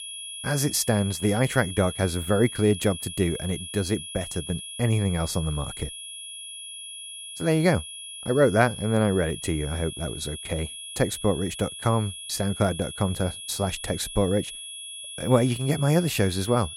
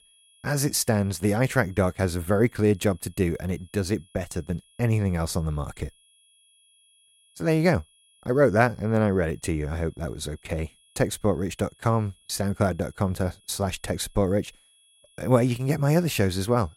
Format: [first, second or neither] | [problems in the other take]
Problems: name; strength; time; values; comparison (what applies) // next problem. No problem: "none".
second | high-pitched whine; loud; throughout; 3.5 kHz, 10 dB below the speech; faint in the second